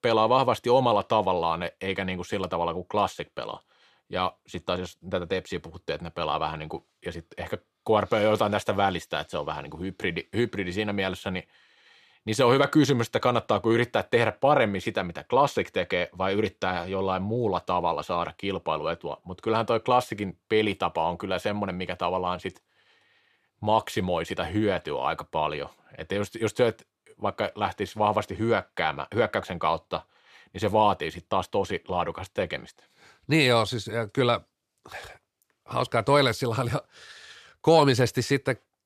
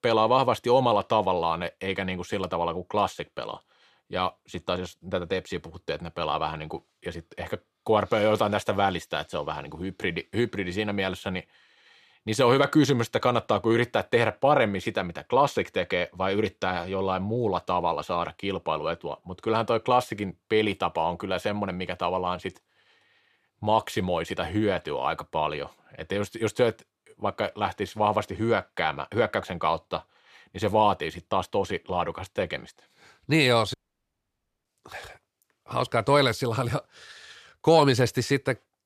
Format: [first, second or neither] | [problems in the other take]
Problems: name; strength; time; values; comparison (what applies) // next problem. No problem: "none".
first | audio cutting out; at 34 s for 1 s